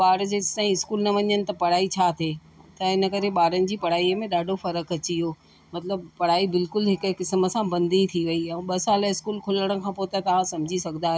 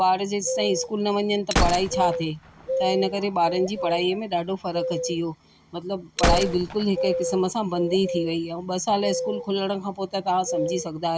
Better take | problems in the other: first | background sound (Gunshot, gunfire + Bird vocalization, bird call, bird song); 4 dB below the speech

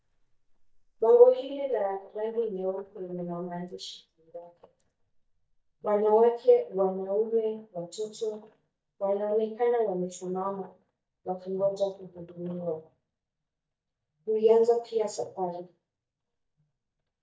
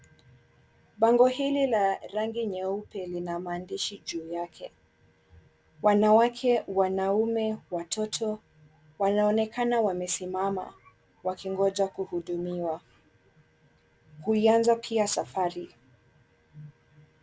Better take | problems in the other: second | noise reduction (neural mask model DeepFilterNet 3)

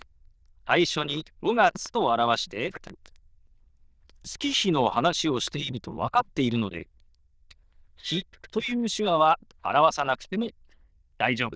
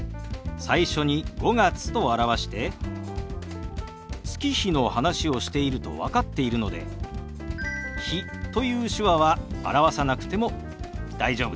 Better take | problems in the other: second | noise reduction (neural diffusion model UNIVERSE++)

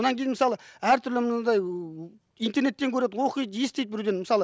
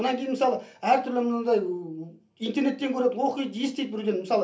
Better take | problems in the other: first | room echo; dies away in 0.3 s

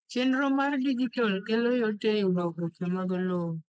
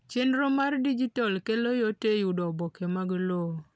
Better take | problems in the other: second | noise reduction (neural mask model Resemble Enhance denoiser)

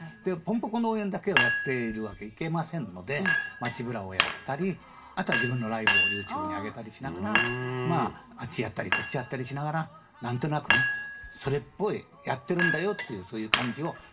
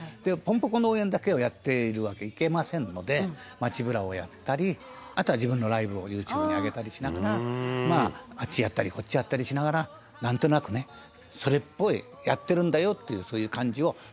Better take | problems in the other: second | background sound (Chink, clink); 1 dB below the speech // room echo; dies away in 0.2 s

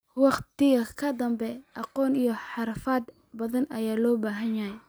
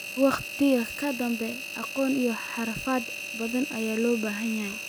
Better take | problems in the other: first | background sound (Engine); 8 dB below the speech

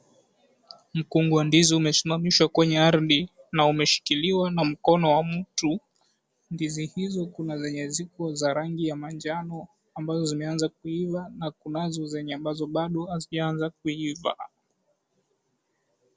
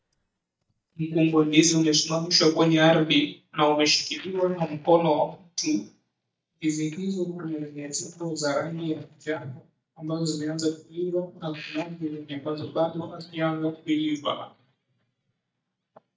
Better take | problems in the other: first | noise reduction (neural mask model DeepFilterNet 3)

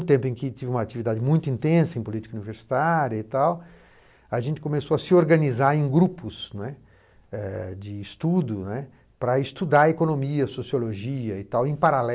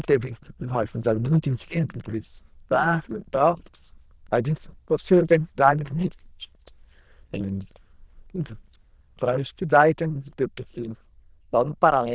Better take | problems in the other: first | noise reduction (neural diffusion model UNIVERSE++)

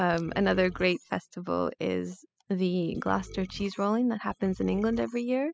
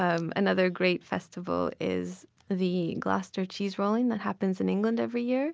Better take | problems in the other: second | noise reduction (classical method spectral subtraction)

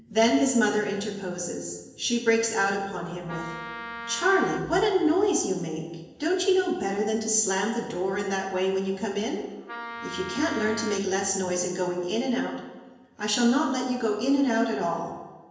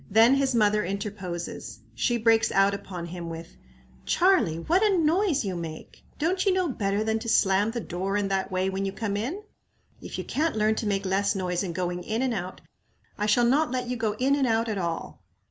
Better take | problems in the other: second | background sound (Wind instrument, woodwind instrument); 12 dB below the speech // room echo; dies away in 1 s

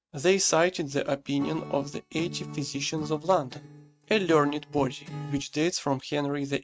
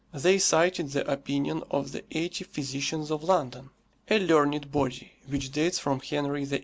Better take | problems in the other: second | noise reduction (neural mask model RNNoise)

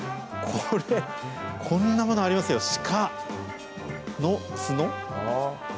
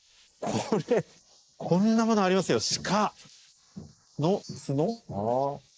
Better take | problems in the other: first | noise reduction (neural mask model Resemble Enhance denoiser)

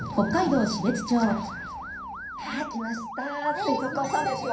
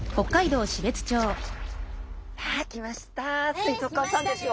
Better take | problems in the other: second | background sound (Motor vehicle (road) / Siren); 10 dB below the speech // room echo; dies away in 0.6 s

